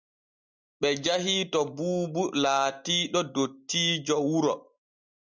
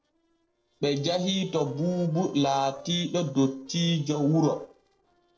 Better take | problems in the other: first | noise reduction (neural separator model SepFormer DNS4)

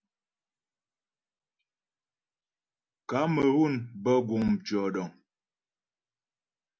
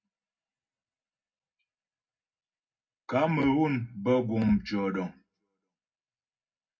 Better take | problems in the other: first | room echo; dies away in 0.3 s

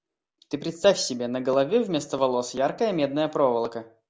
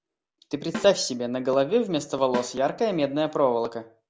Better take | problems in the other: first | background sound (Snare drum); 15 dB below the speech

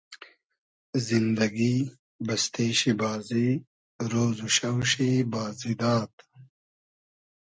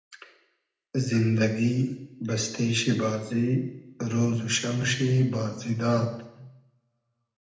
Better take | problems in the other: first | room echo; dies away in 0.8 s

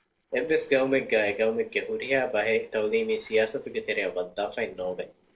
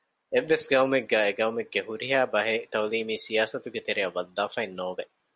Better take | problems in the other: second | noise reduction (neural separator model SepFormer DNS4)

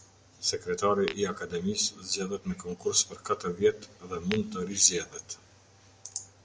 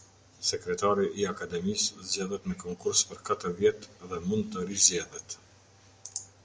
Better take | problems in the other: second | background sound (Tap / Glass); 13 dB below the speech

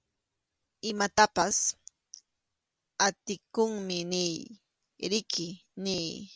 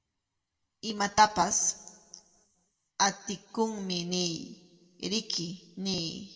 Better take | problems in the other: first | room echo; dies away in 1 s

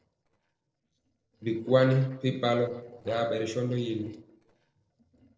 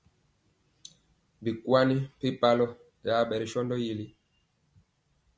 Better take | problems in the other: second | noise reduction (neural separator model SepFormer DNS4)

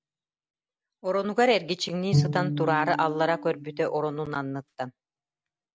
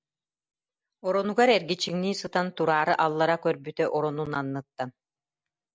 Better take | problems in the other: second | background sound (Bowed string instrument); 2 dB below the speech

